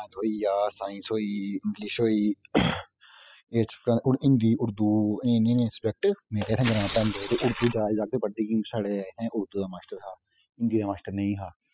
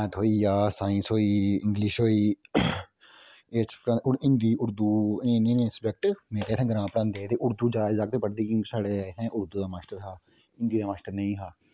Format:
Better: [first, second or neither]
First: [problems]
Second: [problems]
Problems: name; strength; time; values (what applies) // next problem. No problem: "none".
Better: second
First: noise reduction (classical method spectral subtraction)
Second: none